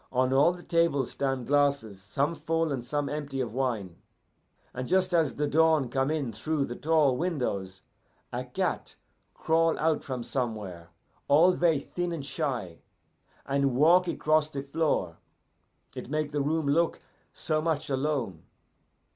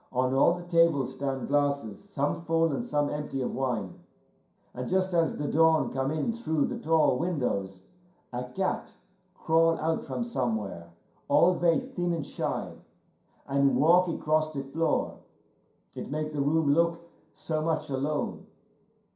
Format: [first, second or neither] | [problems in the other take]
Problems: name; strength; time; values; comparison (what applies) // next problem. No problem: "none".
first | room echo; dies away in 0.5 s